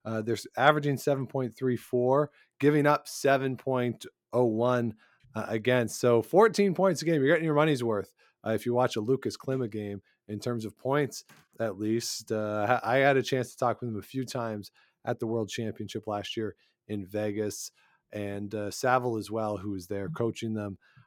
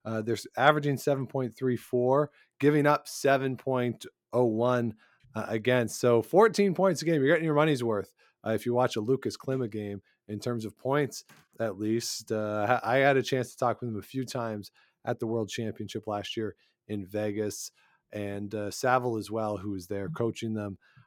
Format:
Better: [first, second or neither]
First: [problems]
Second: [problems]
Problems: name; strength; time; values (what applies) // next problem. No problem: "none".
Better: neither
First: none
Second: none